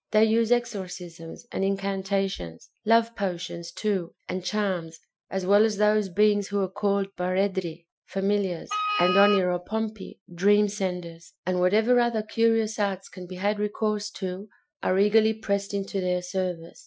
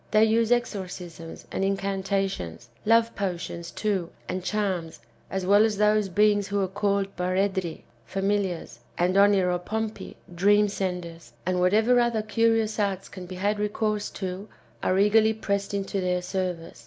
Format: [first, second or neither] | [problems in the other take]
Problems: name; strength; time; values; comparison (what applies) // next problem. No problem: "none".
second | noise reduction (classical method Wiener filter)